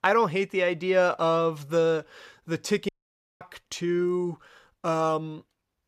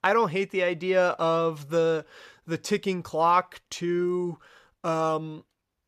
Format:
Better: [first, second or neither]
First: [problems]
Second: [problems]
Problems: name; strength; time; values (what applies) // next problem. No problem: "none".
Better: second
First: audio cutting out; at 3 s for 0.5 s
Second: none